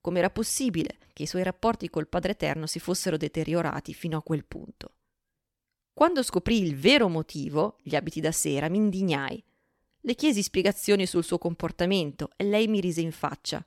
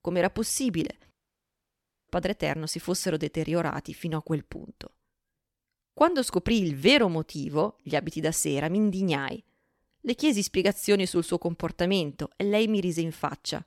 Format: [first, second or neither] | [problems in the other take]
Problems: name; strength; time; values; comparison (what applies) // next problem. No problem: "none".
first | audio cutting out; at 1 s for 1 s